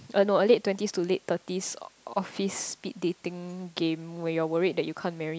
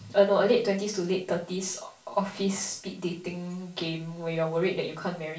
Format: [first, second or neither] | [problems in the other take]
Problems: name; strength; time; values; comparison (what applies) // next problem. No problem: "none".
first | room echo; dies away in 0.3 s